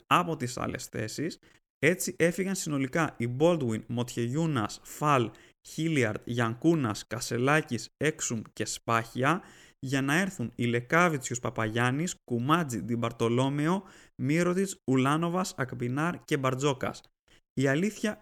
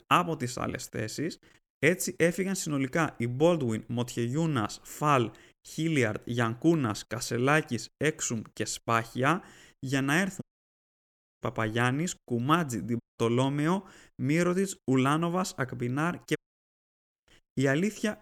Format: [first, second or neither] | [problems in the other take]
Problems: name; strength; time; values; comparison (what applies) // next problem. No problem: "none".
first | audio cutting out; at 10 s for 1 s, at 13 s and at 16 s for 1 s